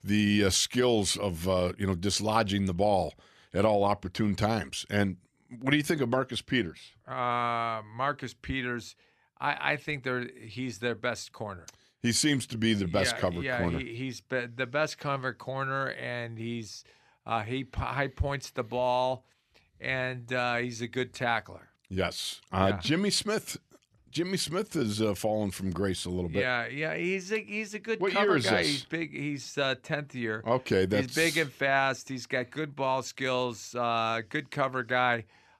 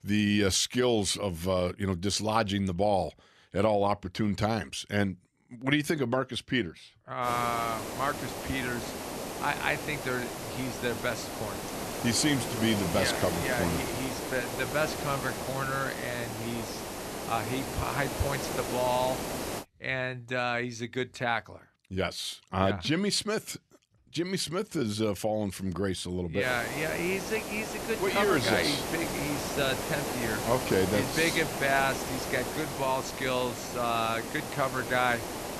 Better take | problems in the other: first | hiss; loud; from 7.5 to 20 s and from 26 s on; 5 dB below the speech

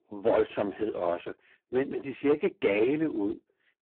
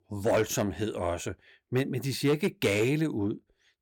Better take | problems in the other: second | phone-call audio; poor line

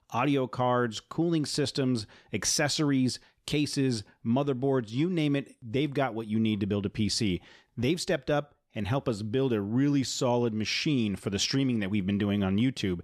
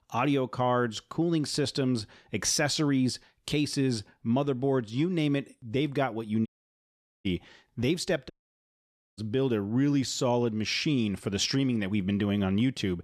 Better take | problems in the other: first | audio cutting out; at 6.5 s for 1 s and at 8.5 s for 1 s

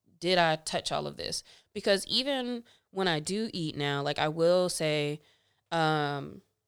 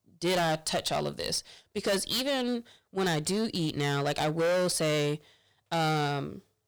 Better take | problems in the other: first | distortion; heavy; 15% of the sound clipped

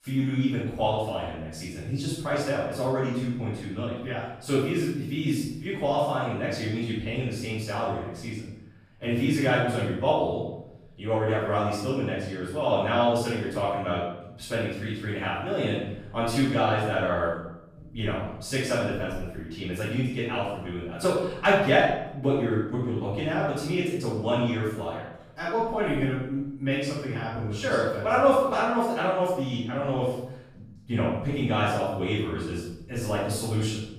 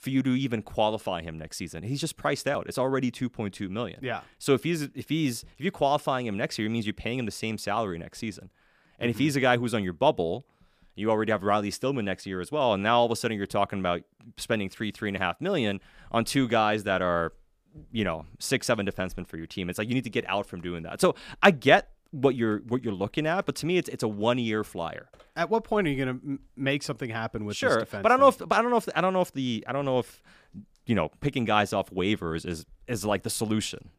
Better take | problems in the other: second | off-mic speech; far // room echo; strong; dies away in 0.8 s

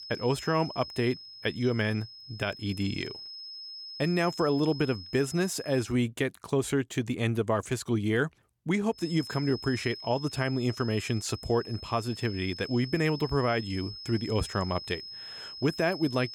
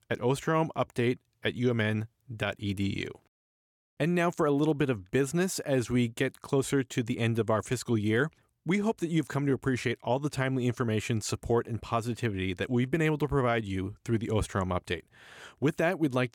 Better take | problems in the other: second | high-pitched whine; noticeable; until 6 s and from 9 s on; 5 kHz, 10 dB below the speech

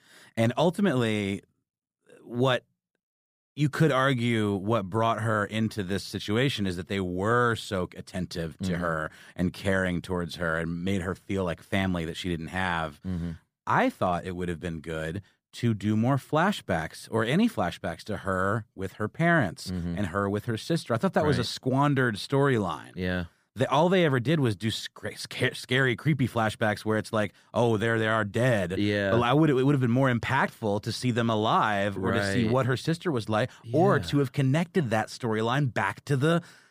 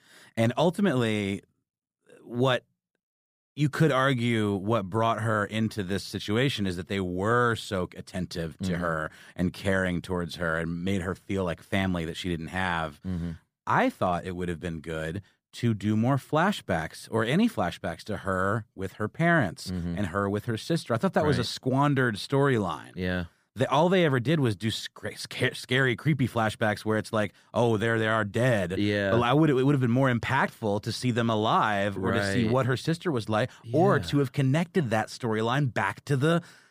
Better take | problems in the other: neither | none

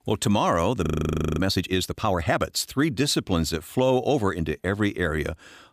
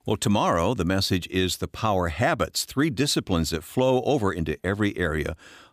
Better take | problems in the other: second | audio freezing; at 1 s for 0.5 s

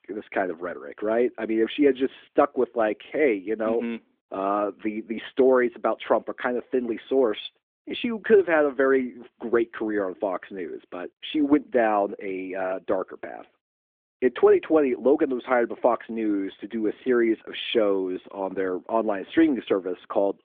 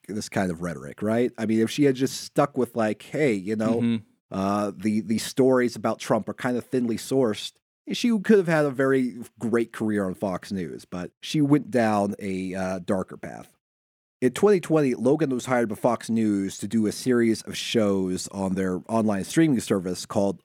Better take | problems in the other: second | phone-call audio; nothing above 3.5 kHz

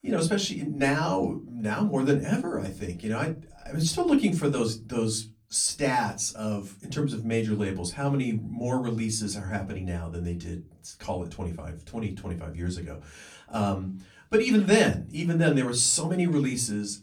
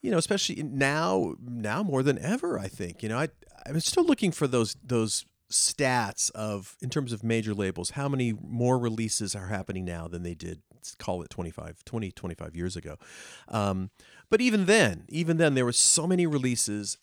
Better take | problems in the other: second | off-mic speech; far // room echo; very slight; dies away in 0.3 s

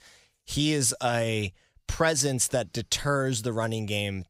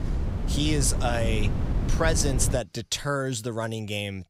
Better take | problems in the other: first | wind noise on the microphone; heavy; until 2.5 s; 10 dB below the speech

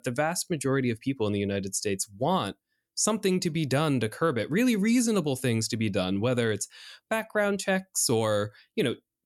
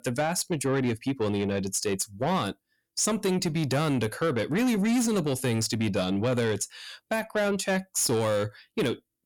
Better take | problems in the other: first | distortion; slight; 10 dB below the speech

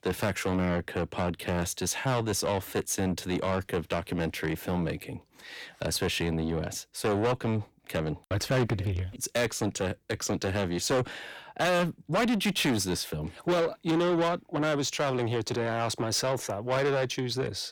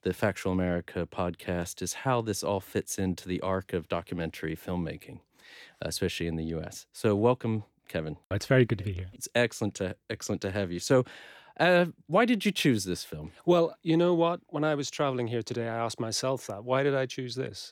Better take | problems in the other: second | distortion; heavy; 6 dB below the speech

